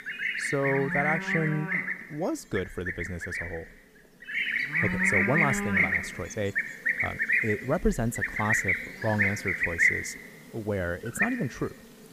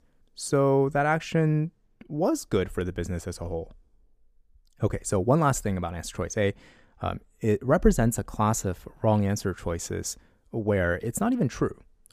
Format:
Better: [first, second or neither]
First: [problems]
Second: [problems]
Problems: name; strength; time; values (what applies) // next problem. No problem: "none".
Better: second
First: animal sounds; very loud; throughout; 5 dB above the speech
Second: none